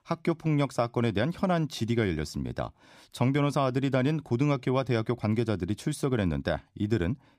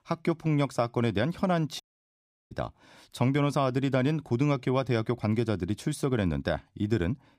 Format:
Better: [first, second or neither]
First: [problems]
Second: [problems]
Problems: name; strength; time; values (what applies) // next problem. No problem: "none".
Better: first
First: none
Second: audio cutting out; at 2 s for 0.5 s